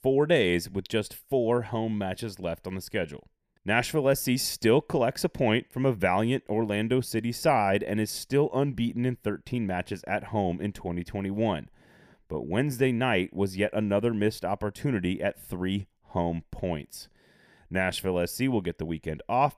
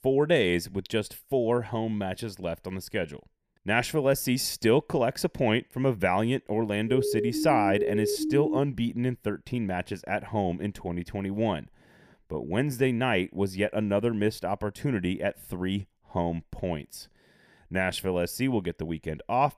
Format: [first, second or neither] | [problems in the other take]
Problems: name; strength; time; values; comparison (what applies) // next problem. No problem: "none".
first | siren; noticeable; from 7 to 8.5 s; peak 1 dB below the speech